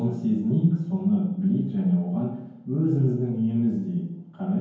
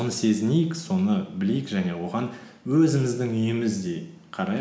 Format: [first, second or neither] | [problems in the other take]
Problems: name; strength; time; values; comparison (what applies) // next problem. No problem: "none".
second | room echo; dies away in 0.9 s